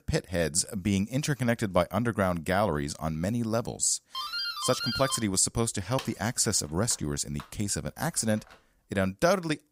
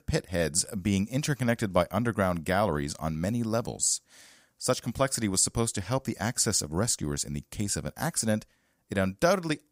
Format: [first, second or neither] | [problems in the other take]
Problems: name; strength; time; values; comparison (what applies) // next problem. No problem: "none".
second | doorbell; noticeable; from 4 to 8.5 s; peak 3 dB below the speech